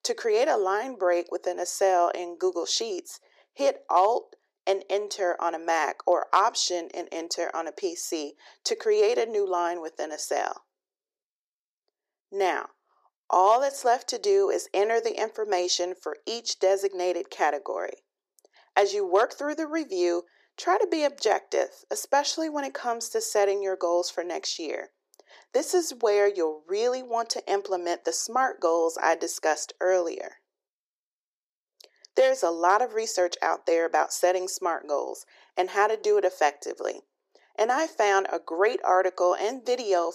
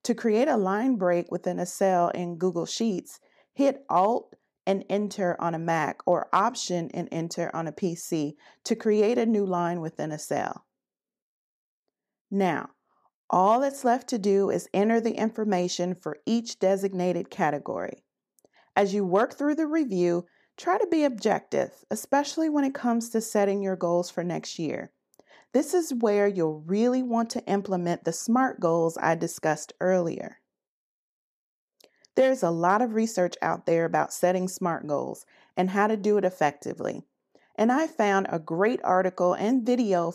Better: second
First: thin; very; fading below 350 Hz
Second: none

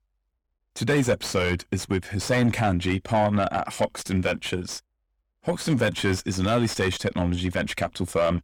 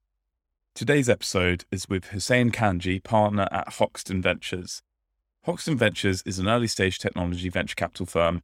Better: second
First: distortion; heavy; 7 dB below the speech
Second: none

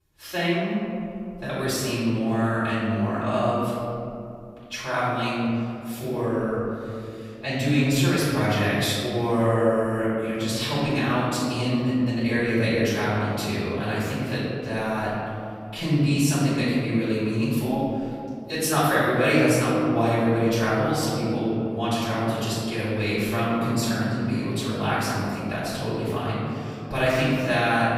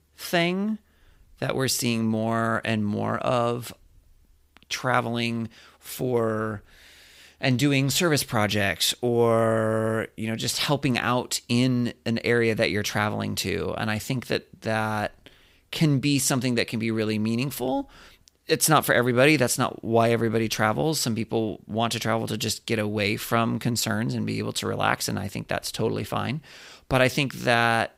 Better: second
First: off-mic speech; far // room echo; strong; dies away in 2.6 s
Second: none

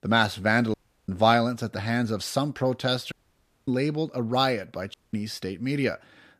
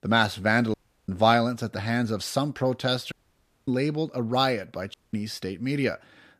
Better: neither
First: audio cutting out; at 0.5 s, at 3 s for 0.5 s and at 5 s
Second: audio cutting out; at 0.5 s, at 3 s for 0.5 s and at 5 s

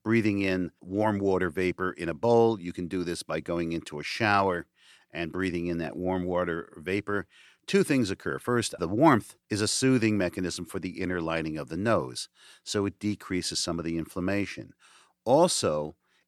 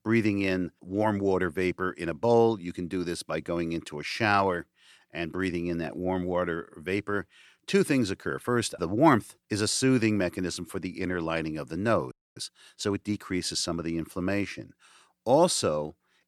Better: first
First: none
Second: audio freezing; at 12 s

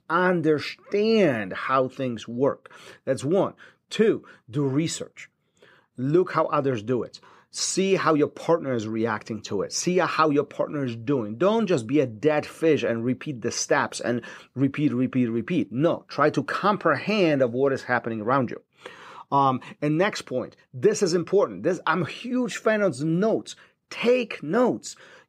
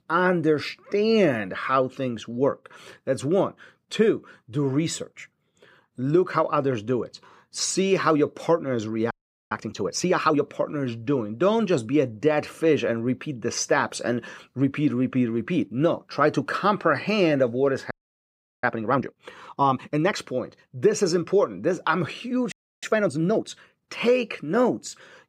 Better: first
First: none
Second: audio freezing; at 9 s, at 18 s for 0.5 s and at 23 s

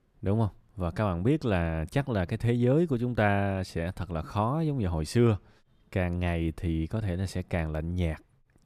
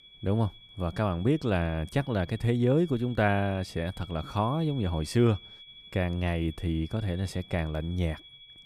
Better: first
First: none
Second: high-pitched whine; noticeable; throughout; 3.5 kHz, 20 dB below the speech

